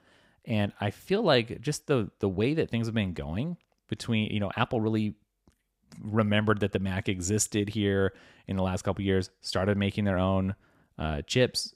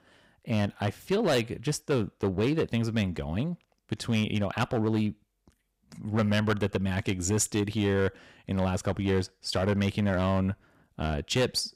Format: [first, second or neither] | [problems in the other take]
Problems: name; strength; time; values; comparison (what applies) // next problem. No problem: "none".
first | distortion; slight; 6% of the sound clipped